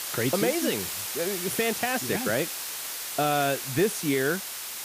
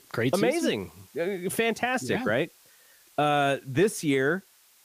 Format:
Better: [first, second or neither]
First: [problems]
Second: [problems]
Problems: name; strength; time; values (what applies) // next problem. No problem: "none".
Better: second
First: hiss; loud; throughout; 3 dB below the speech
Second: hiss; faint; throughout; 30 dB below the speech